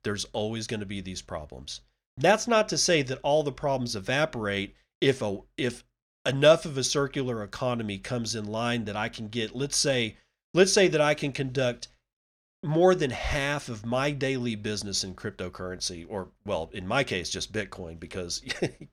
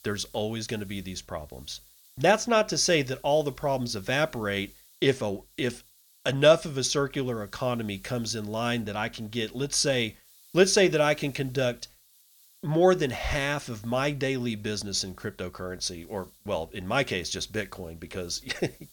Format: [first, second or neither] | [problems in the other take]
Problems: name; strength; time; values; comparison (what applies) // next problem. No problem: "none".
first | hiss; faint; throughout; 25 dB below the speech